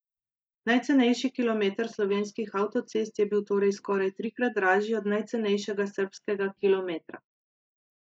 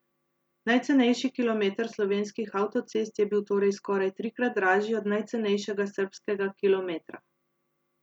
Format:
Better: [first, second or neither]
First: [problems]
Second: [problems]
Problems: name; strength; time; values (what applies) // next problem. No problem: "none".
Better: second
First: noise reduction (neural mask model Resemble Enhance denoiser)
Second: none